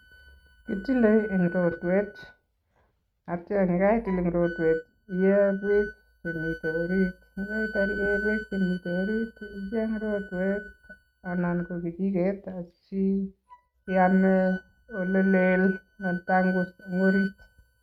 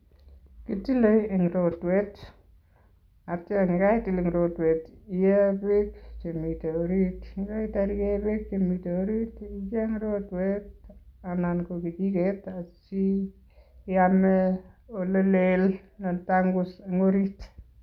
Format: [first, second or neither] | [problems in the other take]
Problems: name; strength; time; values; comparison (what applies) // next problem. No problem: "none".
second | noise reduction (neural mask model RNNoise)